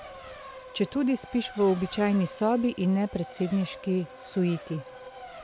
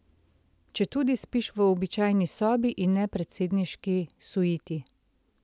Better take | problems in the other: second | background sound (Race car, auto racing); 16 dB below the speech

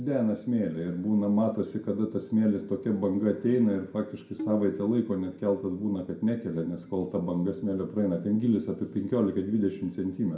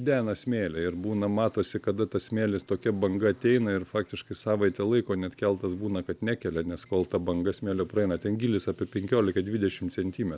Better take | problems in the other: second | background sound (Tabla); 12 dB below the speech // room echo; dies away in 0.5 s

